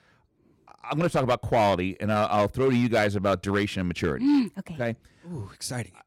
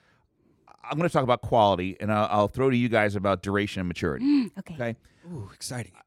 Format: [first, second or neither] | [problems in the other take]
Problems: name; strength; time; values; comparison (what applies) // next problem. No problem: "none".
second | distortion; slight; 5% of the sound clipped